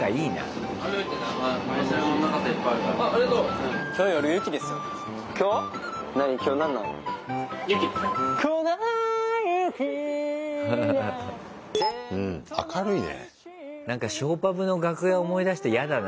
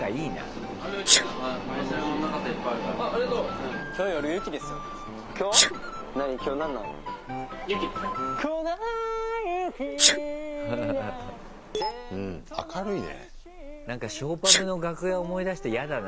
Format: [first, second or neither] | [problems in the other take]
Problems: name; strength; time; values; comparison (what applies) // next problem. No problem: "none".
first | background sound (Sneeze); 1 dB below the speech